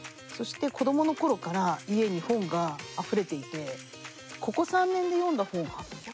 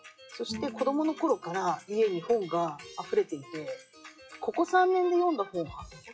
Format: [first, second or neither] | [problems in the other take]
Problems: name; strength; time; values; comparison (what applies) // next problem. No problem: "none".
first | noise reduction (classical method WPE with log-MMSE)